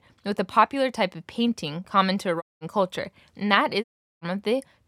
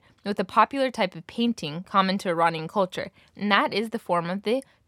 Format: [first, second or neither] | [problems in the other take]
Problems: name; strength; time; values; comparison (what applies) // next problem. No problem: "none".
second | audio cutting out; at 2.5 s and at 4 s